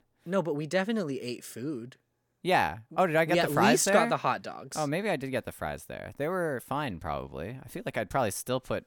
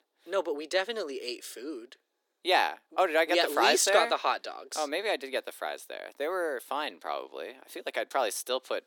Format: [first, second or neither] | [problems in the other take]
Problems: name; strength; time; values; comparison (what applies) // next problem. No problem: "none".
first | thin; very; fading below 300 Hz